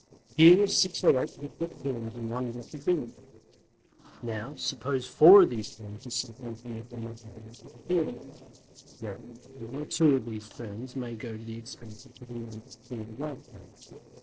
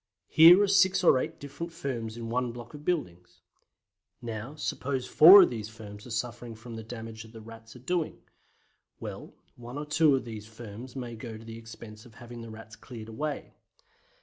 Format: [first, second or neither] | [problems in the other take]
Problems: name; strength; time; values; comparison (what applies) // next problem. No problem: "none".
second | noise reduction (neural separator model SepFormer DNS4)